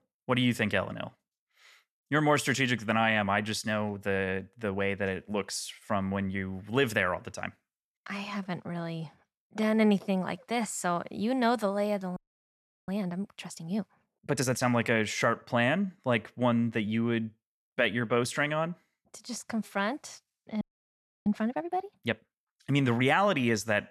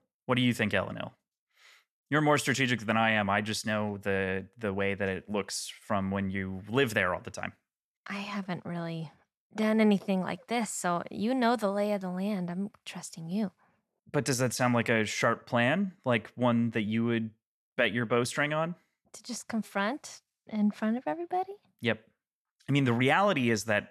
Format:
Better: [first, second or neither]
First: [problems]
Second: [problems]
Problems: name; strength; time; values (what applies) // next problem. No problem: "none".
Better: second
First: audio freezing; at 12 s for 0.5 s and at 21 s for 0.5 s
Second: none